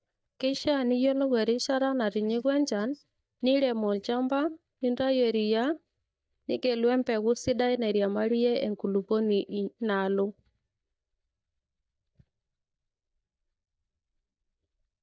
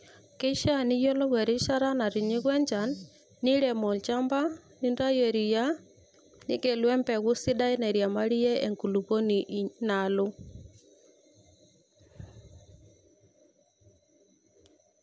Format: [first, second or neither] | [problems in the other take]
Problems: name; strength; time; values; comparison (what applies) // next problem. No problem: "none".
second | noise reduction (neural mask model DeepFilterNet 3)